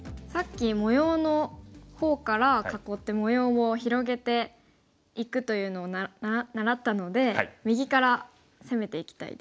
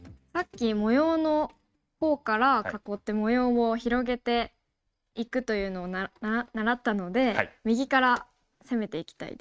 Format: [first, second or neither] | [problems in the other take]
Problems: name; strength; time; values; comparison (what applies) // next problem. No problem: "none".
first | noise reduction (neural mask model RNNoise)